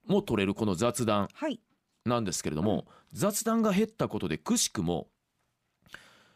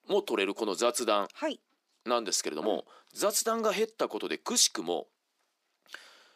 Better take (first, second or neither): first